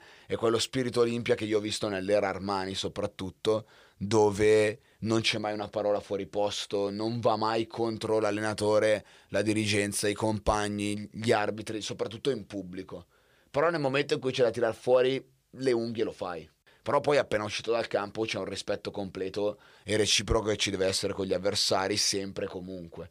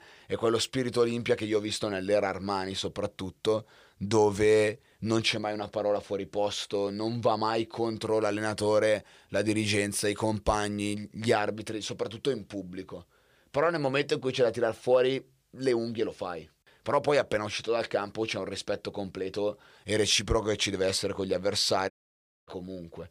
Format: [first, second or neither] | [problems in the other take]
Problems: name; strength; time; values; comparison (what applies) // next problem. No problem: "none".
first | audio cutting out; at 22 s for 0.5 s